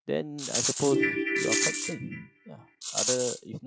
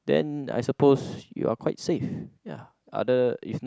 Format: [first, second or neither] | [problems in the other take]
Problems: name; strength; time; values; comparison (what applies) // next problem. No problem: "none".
second | noise reduction (classical method log-MMSE)